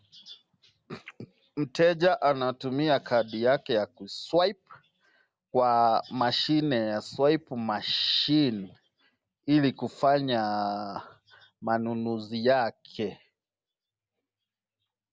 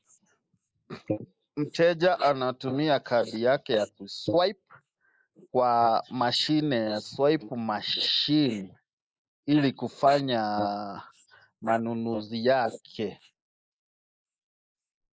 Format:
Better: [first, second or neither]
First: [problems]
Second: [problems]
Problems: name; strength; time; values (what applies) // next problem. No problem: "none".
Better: first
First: none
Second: noise reduction (neural mask model Resemble Enhance denoiser)